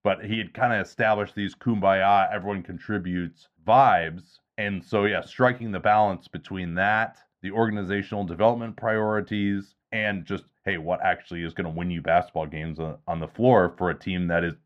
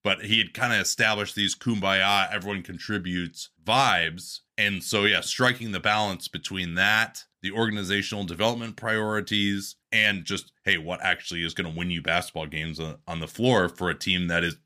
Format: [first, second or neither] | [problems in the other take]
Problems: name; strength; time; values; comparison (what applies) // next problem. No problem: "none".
second | muffled; very; fading above 3.5 kHz